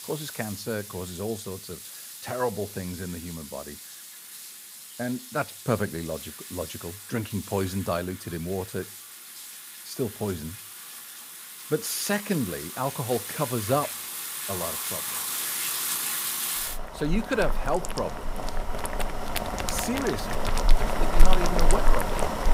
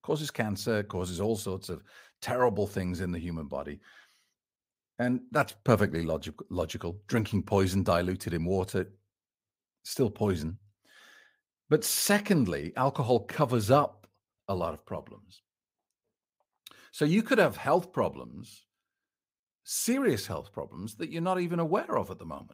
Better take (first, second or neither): second